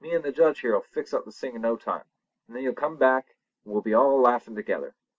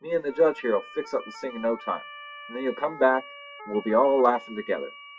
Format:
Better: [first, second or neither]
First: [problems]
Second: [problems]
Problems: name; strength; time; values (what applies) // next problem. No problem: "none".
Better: first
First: none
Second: noise reduction (classical method log-MMSE)